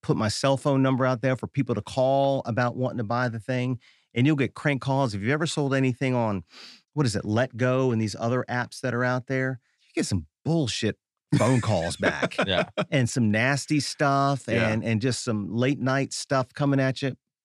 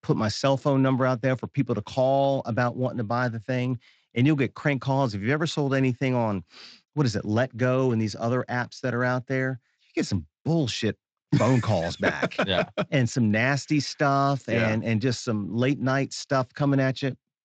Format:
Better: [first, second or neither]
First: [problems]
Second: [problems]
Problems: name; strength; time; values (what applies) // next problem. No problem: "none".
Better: first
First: none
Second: garbled, watery; slightly; nothing above 7.5 kHz